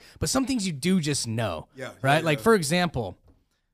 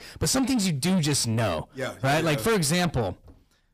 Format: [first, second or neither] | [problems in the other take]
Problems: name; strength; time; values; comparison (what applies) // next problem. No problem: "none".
first | distortion; heavy; 6 dB below the speech